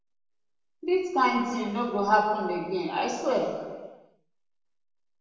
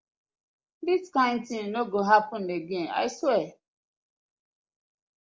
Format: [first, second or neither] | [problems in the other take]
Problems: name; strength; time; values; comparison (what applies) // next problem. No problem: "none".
second | room echo; dies away in 1.2 s